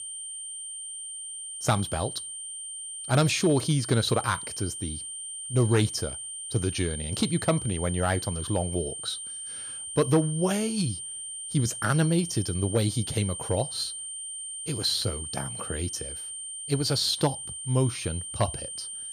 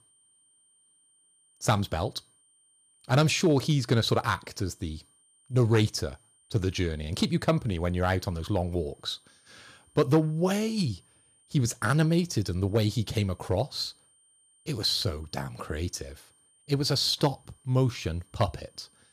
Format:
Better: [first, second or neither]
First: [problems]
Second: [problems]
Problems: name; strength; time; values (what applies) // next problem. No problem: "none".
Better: second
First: high-pitched whine; loud; throughout; 9 kHz, 7 dB below the speech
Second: high-pitched whine; faint; throughout; 9 kHz, 35 dB below the speech